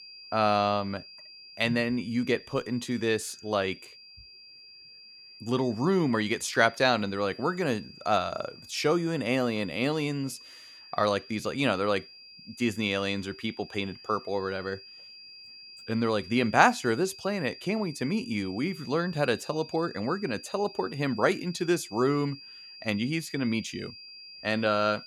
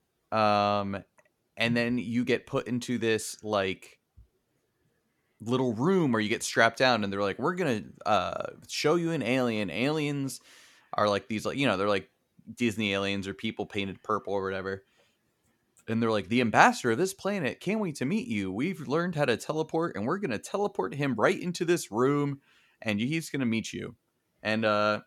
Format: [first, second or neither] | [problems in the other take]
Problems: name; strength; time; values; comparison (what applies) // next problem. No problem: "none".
second | high-pitched whine; noticeable; throughout; 5 kHz, 15 dB below the speech